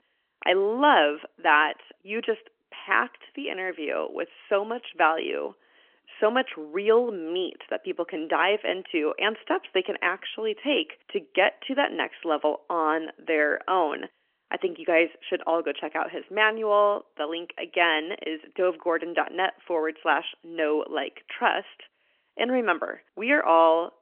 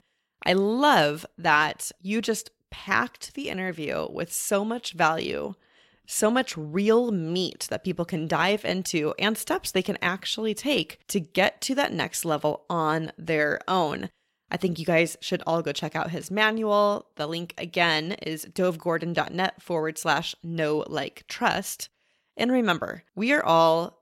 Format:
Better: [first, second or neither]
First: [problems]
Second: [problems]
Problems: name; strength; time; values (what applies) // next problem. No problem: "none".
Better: second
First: phone-call audio; nothing above 3.5 kHz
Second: none